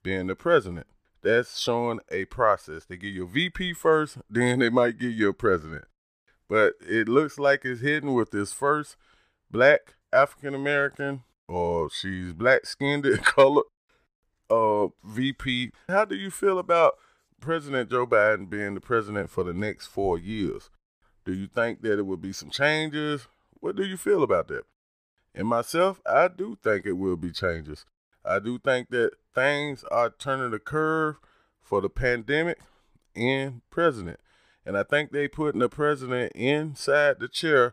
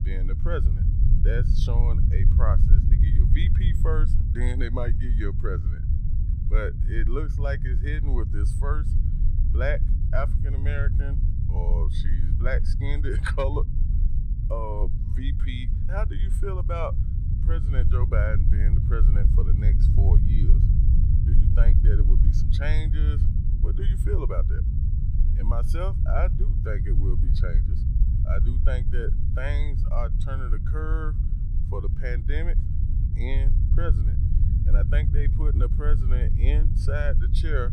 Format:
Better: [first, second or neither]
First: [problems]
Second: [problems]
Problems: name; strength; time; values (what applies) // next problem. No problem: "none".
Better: first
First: none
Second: low rumble; loud; throughout; 6 dB below the speech